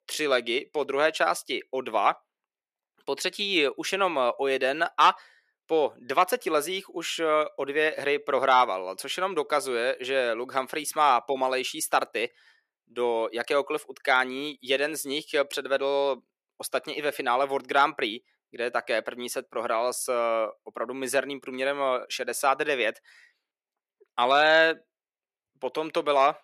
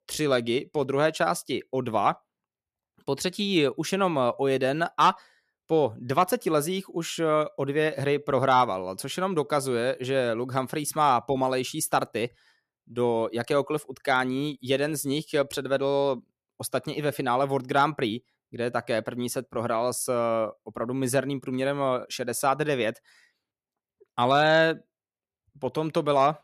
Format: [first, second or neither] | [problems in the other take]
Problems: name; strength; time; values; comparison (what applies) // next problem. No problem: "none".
second | thin; somewhat; fading below 400 Hz